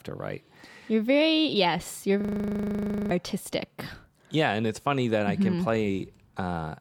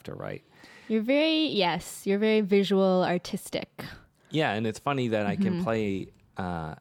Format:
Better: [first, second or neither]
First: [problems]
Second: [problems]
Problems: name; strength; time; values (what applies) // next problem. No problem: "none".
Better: second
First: audio freezing; at 2 s for 1 s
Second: none